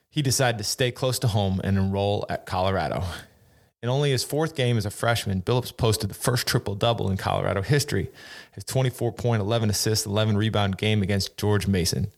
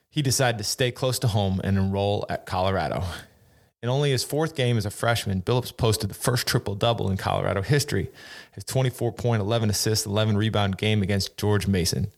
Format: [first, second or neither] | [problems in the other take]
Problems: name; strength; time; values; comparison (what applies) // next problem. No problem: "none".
neither | none